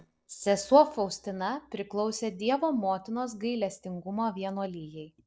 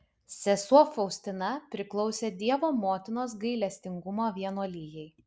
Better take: second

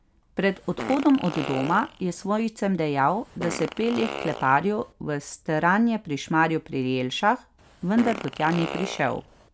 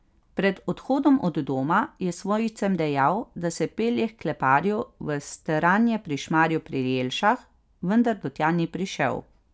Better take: second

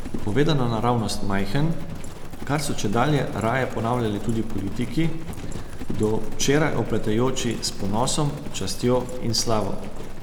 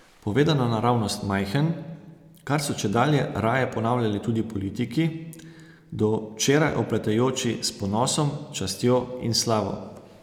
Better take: second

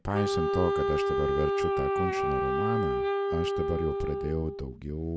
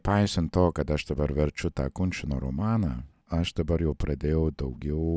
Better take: second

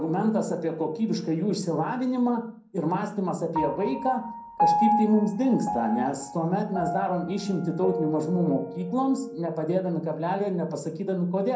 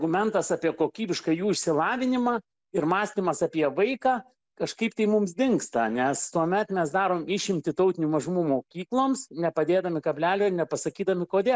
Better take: second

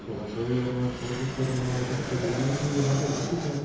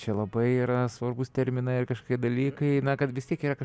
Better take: second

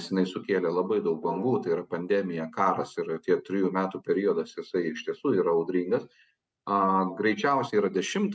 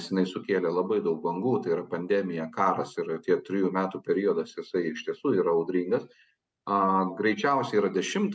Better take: second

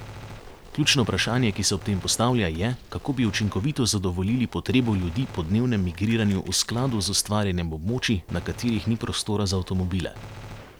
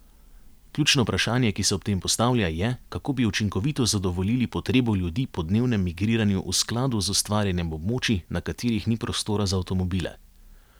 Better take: second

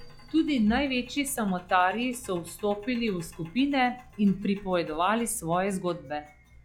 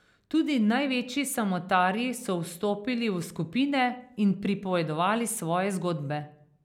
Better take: second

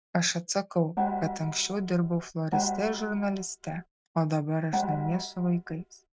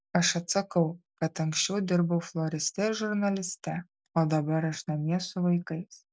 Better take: second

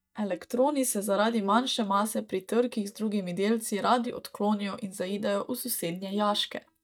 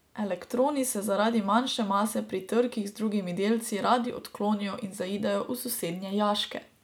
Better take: second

